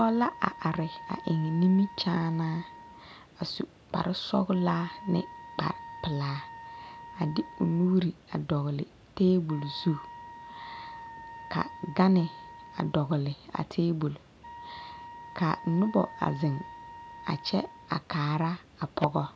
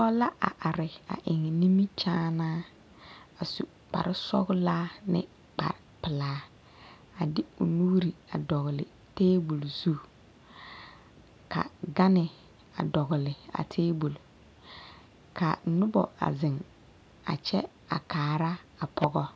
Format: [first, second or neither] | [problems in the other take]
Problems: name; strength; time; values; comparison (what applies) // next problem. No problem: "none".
second | background sound (Wind instrument, woodwind instrument); 17 dB below the speech